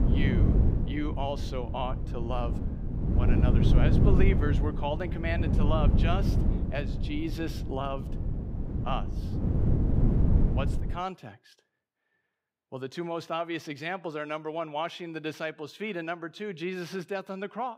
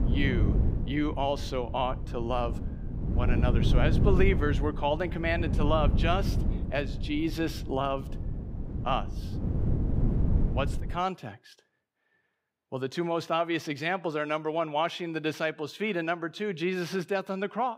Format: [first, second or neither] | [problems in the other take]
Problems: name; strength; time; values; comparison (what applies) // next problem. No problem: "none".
second | wind noise on the microphone; heavy; until 11 s; 4 dB below the speech; occasional gusts in the second